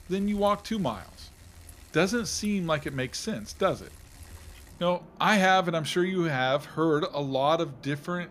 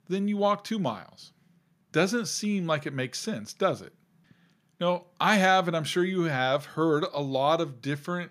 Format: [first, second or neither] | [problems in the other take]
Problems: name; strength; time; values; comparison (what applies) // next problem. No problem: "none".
second | traffic noise; faint; throughout; 25 dB below the speech